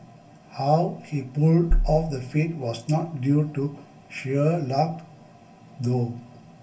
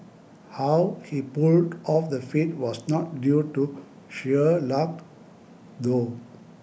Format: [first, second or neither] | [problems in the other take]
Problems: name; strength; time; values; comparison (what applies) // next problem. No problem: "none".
second | background sound (Bass drum); 1 dB above the speech // room echo; dies away in 0.2 s